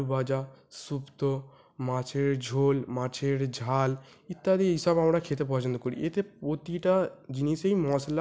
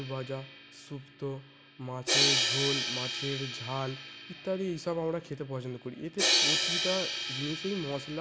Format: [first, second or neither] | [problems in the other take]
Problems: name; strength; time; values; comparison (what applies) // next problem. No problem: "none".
first | background sound (Crash cymbal); 3 dB above the speech